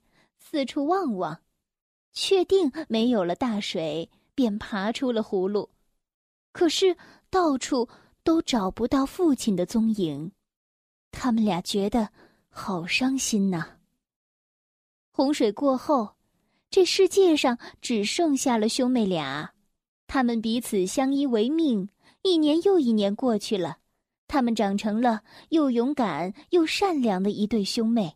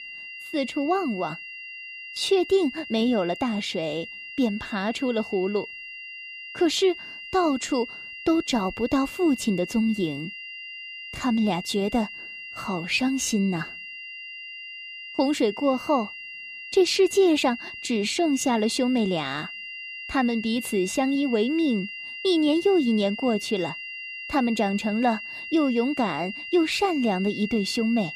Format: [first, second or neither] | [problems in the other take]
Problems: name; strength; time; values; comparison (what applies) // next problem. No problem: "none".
first | high-pitched whine; noticeable; throughout; 3 kHz, 10 dB below the speech